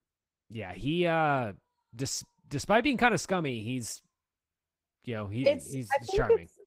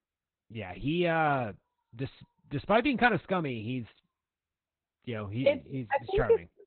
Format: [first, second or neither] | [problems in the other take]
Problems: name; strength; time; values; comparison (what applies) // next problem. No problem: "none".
first | garbled, watery; badly; nothing above 4 kHz; slightly in the first